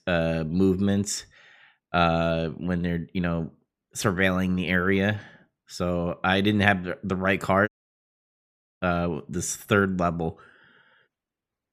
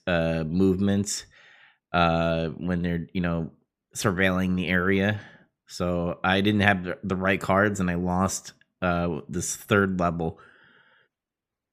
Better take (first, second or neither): second